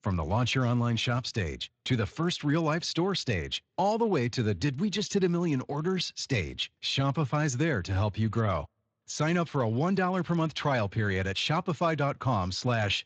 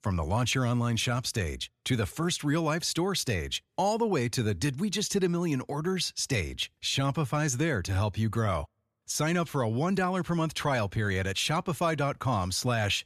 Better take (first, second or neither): second